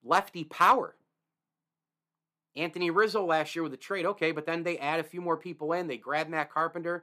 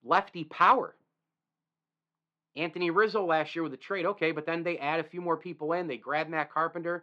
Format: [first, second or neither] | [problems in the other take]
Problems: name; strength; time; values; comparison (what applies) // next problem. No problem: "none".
first | muffled; very slightly; fading above 4 kHz